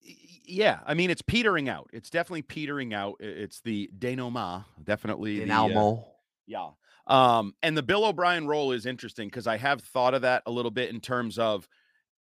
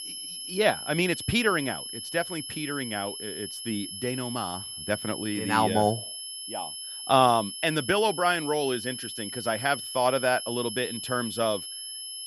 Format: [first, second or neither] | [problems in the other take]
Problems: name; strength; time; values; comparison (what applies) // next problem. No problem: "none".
first | high-pitched whine; loud; throughout; 11 kHz, 7 dB below the speech